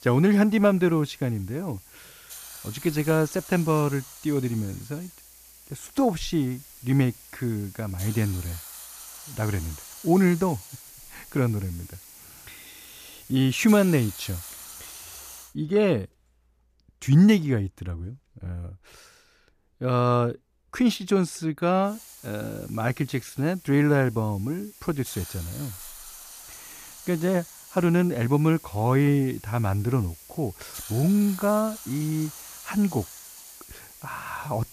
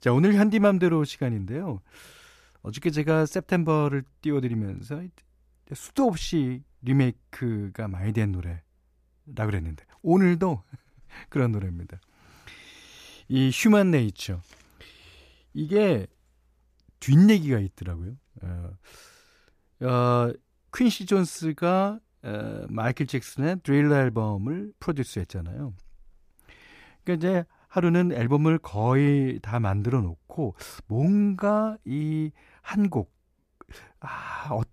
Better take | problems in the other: second | hiss; noticeable; until 15 s and from 22 s on; 15 dB below the speech

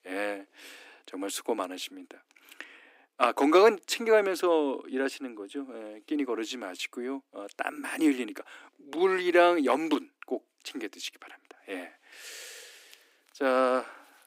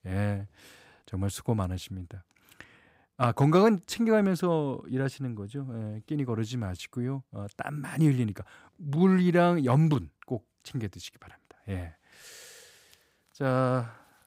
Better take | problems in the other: second | thin; somewhat; fading below 300 Hz

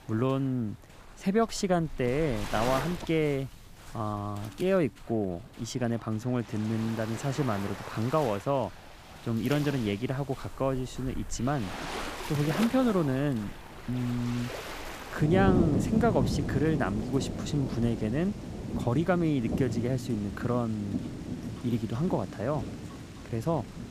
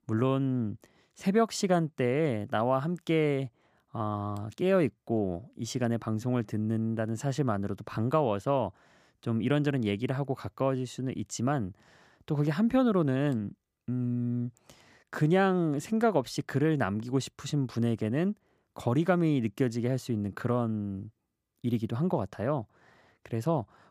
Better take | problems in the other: second | rain or running water; loud; throughout; 6 dB below the speech

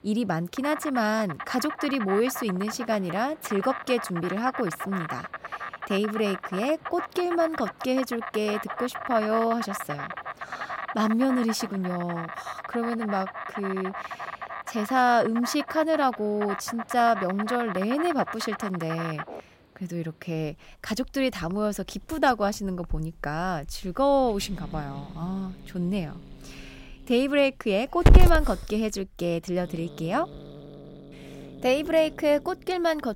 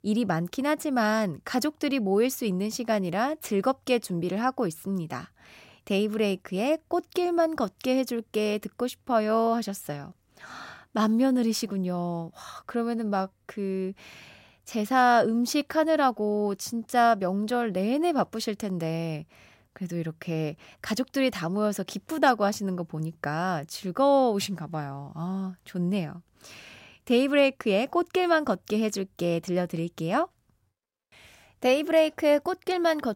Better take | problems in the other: second | animal sounds; loud; throughout; 6 dB below the speech

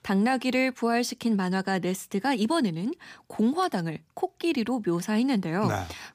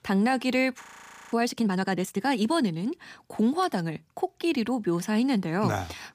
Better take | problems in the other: first | audio freezing; at 1 s for 0.5 s

